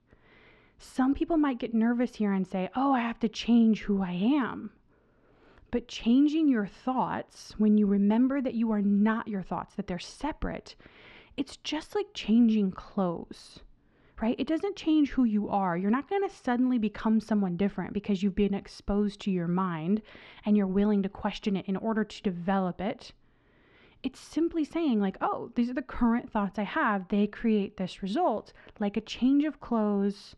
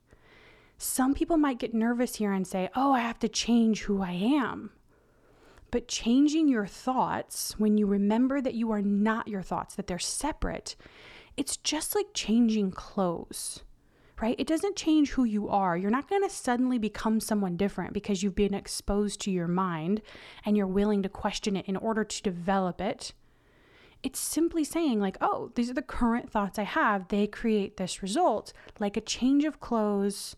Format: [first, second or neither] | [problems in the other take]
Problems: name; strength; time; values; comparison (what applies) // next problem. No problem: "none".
second | muffled; slightly; fading above 3 kHz